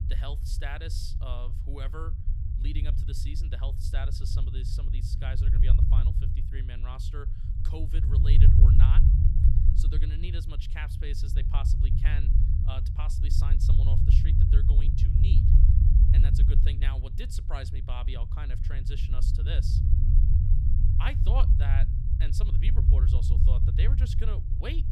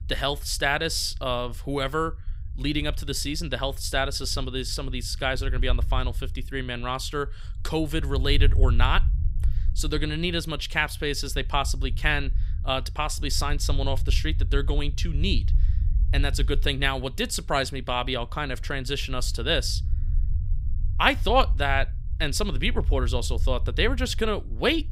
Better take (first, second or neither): second